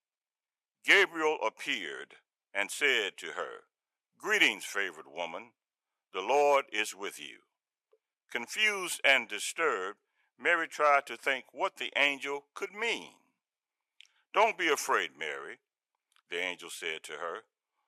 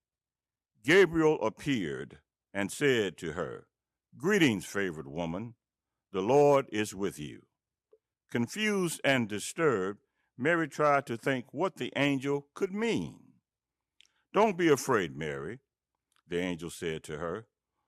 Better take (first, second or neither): second